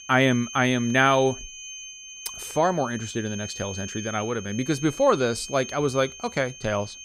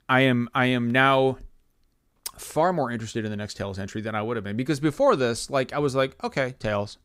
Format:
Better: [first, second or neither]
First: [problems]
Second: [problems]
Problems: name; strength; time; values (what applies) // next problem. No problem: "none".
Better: second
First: high-pitched whine; noticeable; throughout; 6.5 kHz, 10 dB below the speech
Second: none